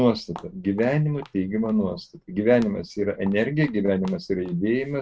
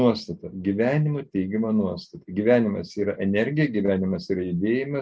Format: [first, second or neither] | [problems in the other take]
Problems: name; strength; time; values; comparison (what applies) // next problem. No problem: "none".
second | noise reduction (neural mask model RNNoise)